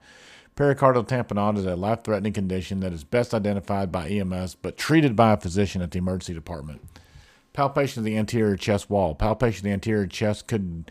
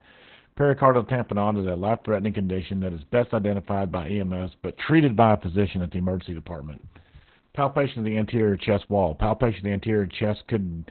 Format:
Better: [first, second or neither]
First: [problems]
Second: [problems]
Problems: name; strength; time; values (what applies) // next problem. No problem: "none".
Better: first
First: none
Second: garbled, watery; badly; nothing above 4 kHz